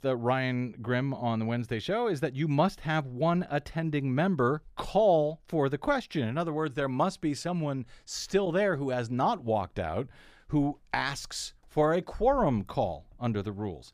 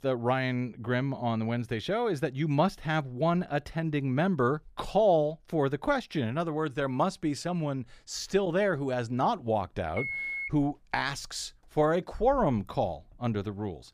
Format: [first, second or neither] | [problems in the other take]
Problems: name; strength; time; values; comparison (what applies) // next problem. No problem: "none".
first | phone ringing; noticeable; at 10 s; peak 2 dB below the speech